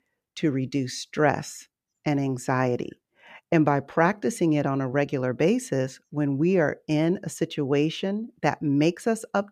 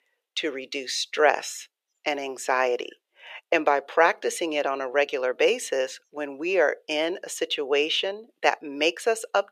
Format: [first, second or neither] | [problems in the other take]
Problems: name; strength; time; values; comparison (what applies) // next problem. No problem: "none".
first | thin; very; fading below 450 Hz